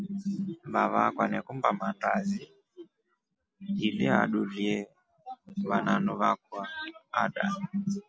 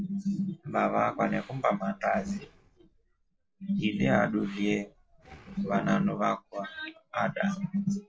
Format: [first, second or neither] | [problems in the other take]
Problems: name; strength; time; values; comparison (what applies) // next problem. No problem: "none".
first | noise reduction (neural separator model SepFormer DNS4)